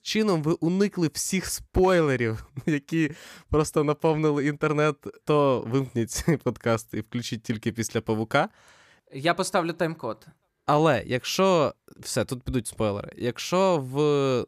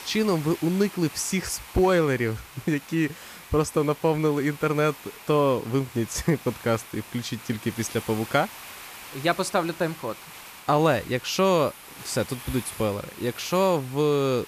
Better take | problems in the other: first | hiss; noticeable; throughout; 15 dB below the speech

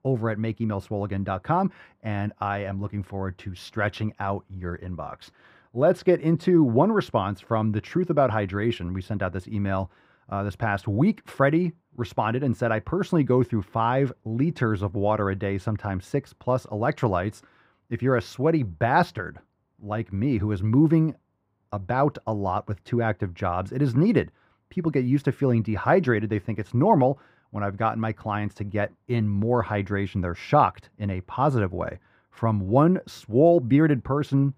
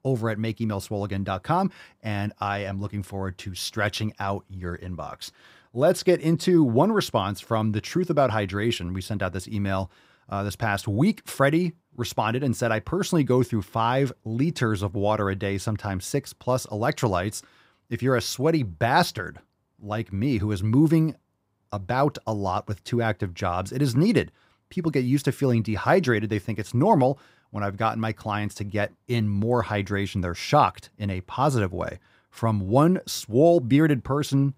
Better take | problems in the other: second | muffled; slightly; fading above 3.5 kHz

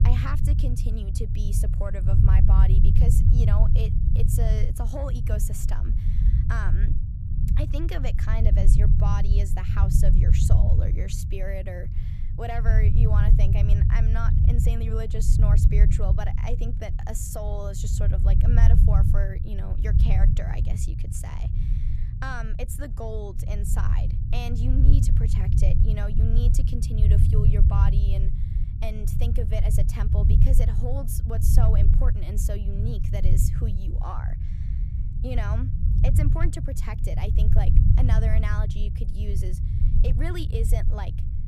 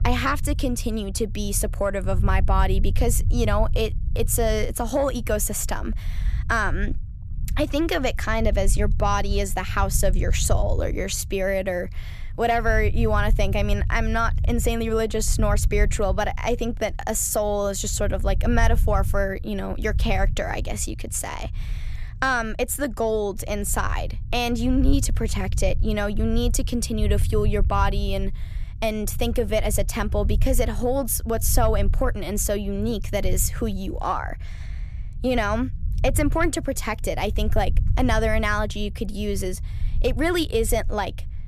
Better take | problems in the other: second | low rumble; loud; throughout; 2 dB below the speech; faint in the second

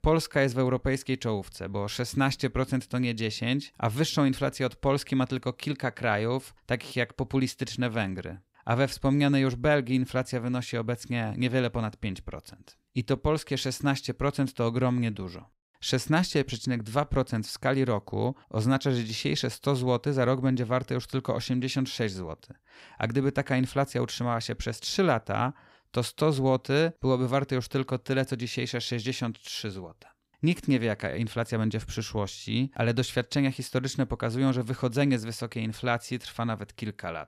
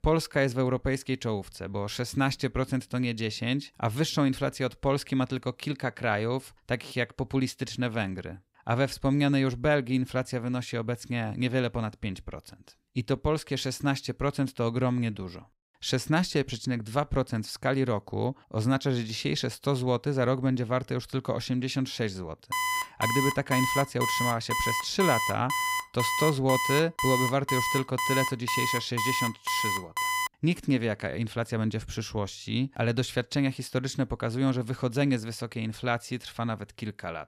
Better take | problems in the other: first | alarm; loud; from 23 to 30 s; peak 1 dB above the speech

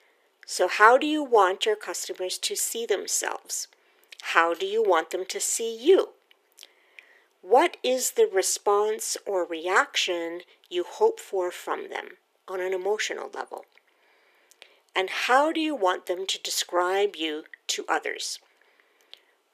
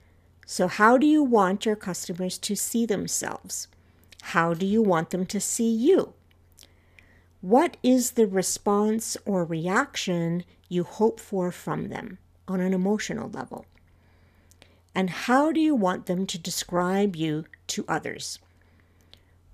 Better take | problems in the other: second | thin; very; fading below 350 Hz

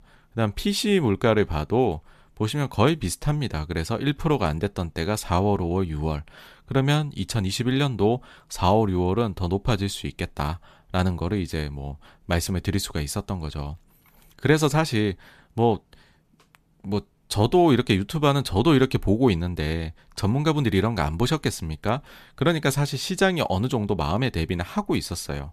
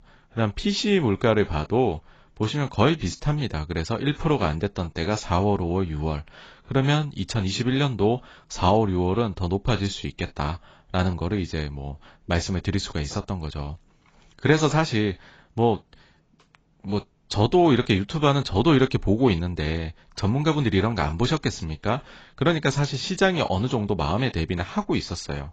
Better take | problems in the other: first | garbled, watery; badly; nothing above 7.5 kHz

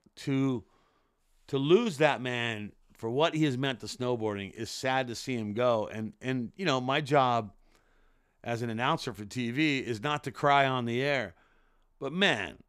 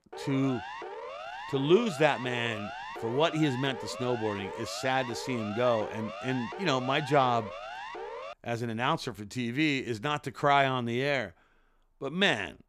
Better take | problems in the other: first | siren; noticeable; until 8.5 s; peak 10 dB below the speech

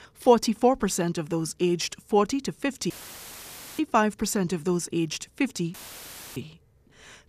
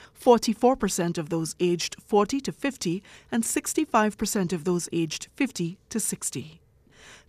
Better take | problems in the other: second | audio cutting out; filled with static; at 3 s for 1 s and at 5.5 s for 0.5 s

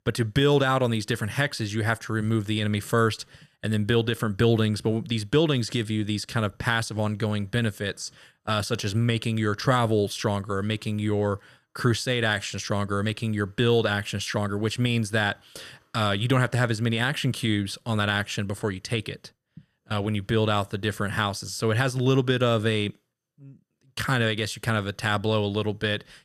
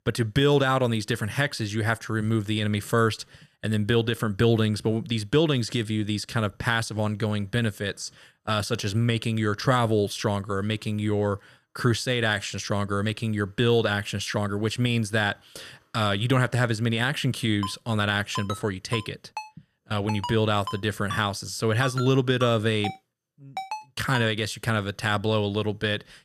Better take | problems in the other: first | phone ringing; noticeable; from 18 to 24 s; peak 9 dB below the speech

